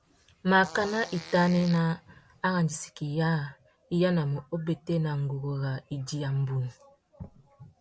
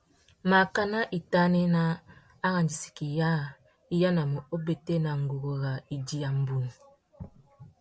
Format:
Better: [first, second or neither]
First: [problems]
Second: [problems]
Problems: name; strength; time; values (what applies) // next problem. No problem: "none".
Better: second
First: background sound (Fart); 18 dB below the speech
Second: none